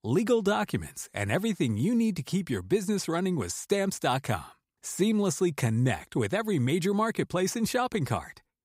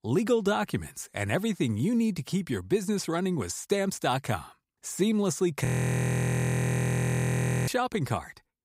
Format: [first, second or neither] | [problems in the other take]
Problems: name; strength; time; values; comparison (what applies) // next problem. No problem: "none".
first | audio freezing; at 5.5 s for 2 s